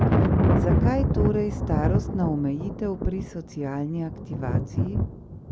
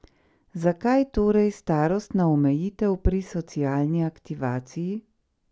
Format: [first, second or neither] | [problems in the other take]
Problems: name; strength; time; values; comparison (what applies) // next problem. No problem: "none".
second | background sound (Thunder); 5 dB above the speech